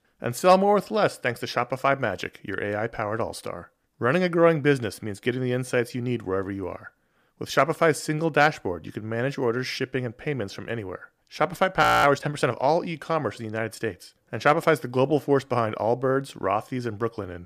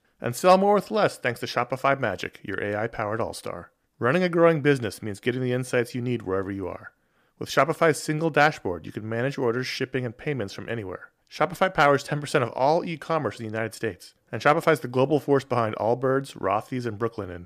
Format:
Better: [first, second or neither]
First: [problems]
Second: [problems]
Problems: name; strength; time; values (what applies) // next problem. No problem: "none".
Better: second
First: audio freezing; at 12 s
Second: none